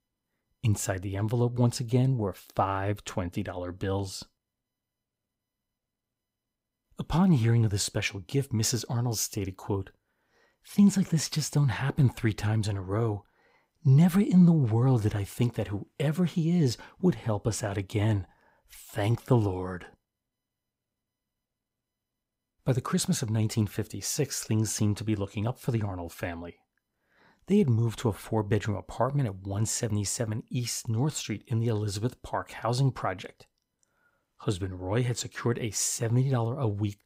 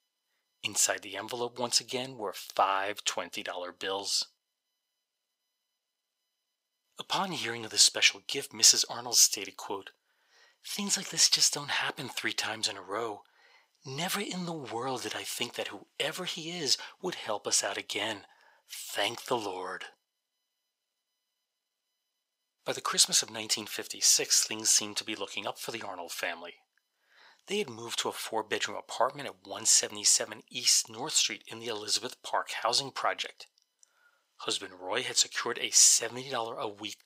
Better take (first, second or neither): first